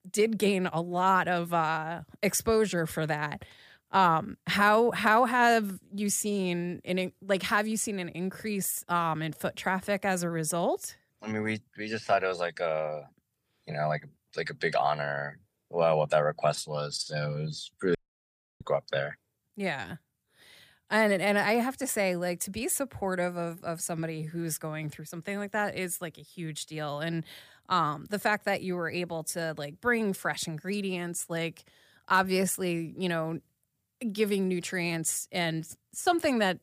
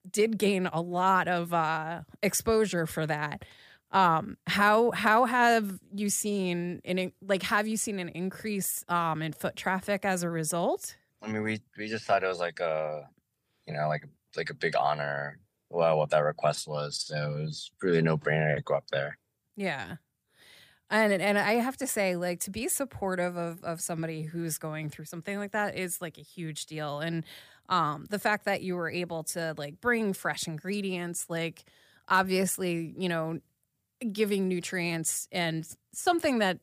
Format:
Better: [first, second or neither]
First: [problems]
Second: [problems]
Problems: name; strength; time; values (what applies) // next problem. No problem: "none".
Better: second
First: audio cutting out; at 18 s for 0.5 s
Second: none